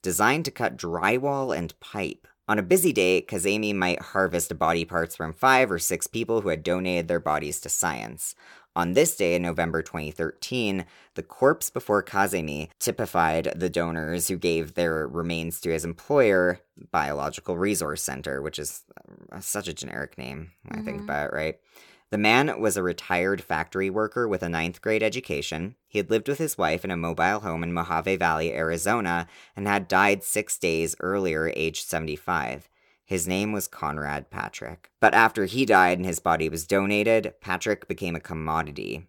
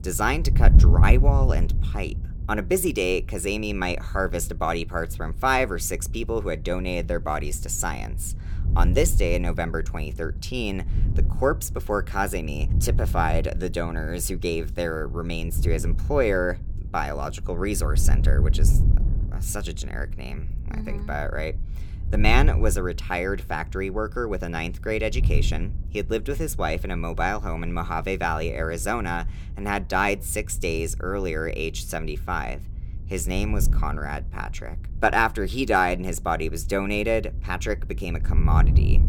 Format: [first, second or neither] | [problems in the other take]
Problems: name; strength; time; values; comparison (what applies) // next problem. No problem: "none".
first | wind noise on the microphone; occasional gusts; 15 dB below the speech